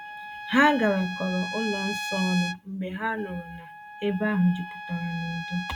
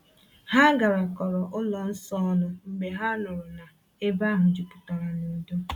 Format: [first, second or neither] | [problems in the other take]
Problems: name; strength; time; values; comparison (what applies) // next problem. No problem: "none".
second | background sound (Trumpet); 9 dB below the speech